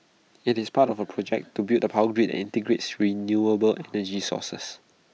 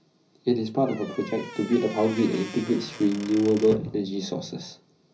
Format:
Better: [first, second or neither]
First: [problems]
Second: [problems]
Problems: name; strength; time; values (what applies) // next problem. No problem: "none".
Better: first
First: none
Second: background sound (Squeak / Wood); 14 dB below the speech // room echo; dies away in 0.5 s